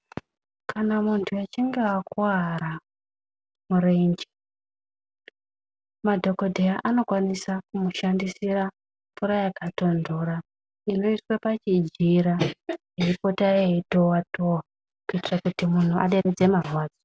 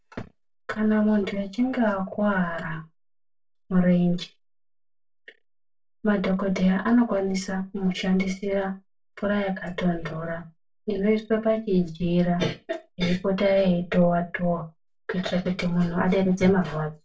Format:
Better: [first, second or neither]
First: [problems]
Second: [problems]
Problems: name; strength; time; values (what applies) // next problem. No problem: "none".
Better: first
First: none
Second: room echo; dies away in 0.2 s